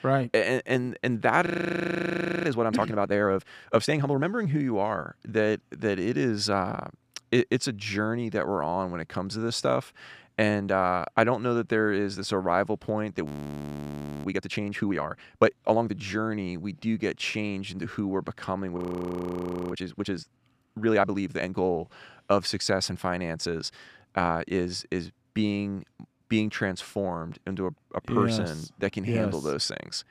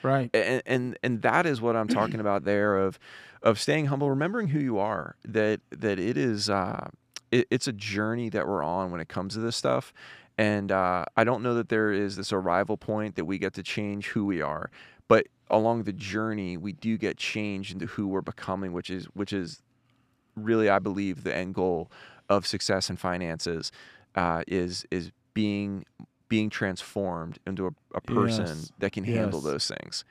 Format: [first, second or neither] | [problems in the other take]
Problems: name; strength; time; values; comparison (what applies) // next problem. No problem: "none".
second | audio freezing; at 1.5 s for 1 s, at 13 s for 1 s and at 19 s for 1 s